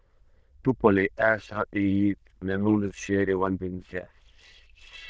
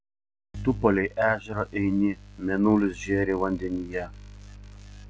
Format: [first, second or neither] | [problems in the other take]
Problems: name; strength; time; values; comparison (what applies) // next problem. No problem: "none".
second | noise reduction (neural diffusion model UNIVERSE++)